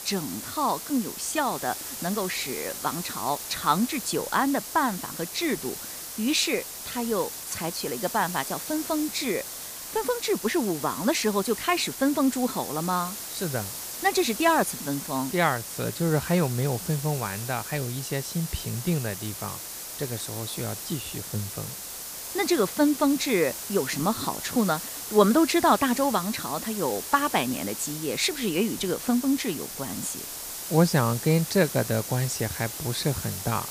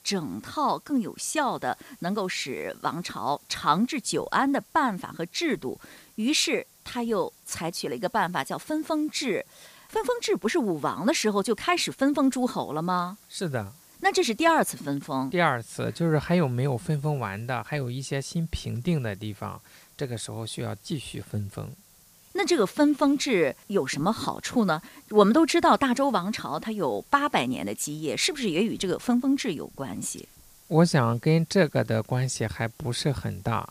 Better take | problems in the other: second | hiss; loud; throughout; 7 dB below the speech; faint in the second

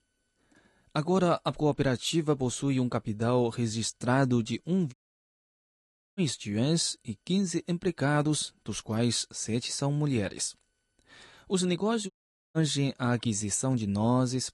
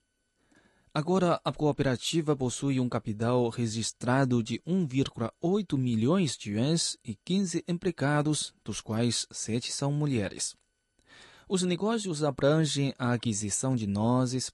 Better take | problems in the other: second | audio cutting out; at 5 s for 1 s and at 12 s

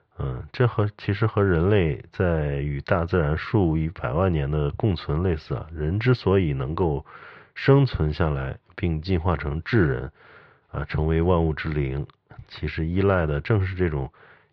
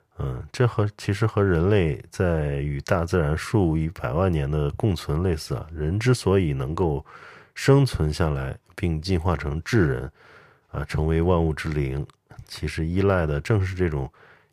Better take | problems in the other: second | muffled; very slightly; fading above 4 kHz

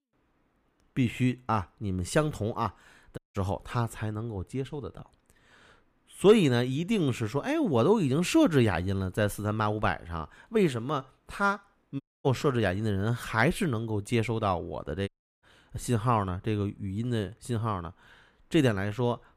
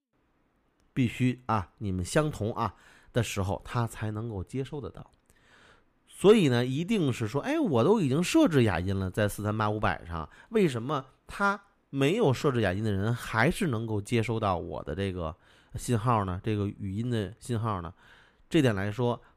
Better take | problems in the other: second | audio cutting out; at 3 s, at 12 s and at 15 s

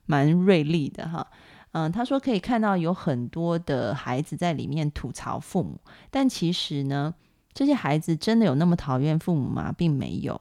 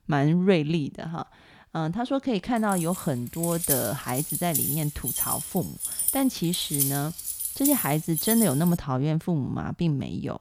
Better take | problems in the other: first | jangling keys; loud; from 2.5 to 8.5 s; peak 2 dB above the speech

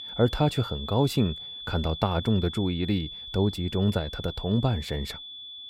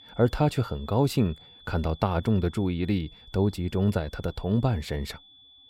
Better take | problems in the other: second | high-pitched whine; loud; throughout; 3.5 kHz, 10 dB below the speech; faint in the second

